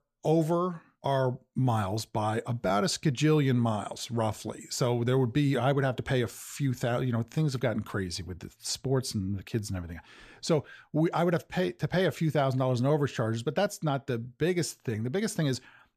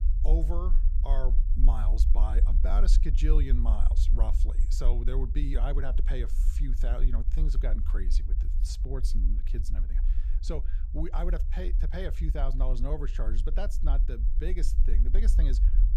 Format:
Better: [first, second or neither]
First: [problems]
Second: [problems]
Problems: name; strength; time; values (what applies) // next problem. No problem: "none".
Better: first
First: none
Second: low rumble; noticeable; throughout; 10 dB below the speech